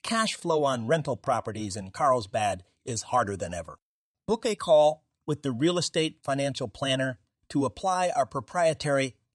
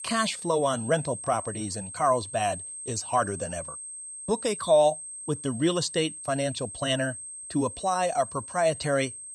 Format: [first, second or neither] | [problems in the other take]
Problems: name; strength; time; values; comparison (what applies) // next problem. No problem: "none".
first | high-pitched whine; loud; throughout; 8.5 kHz, 10 dB below the speech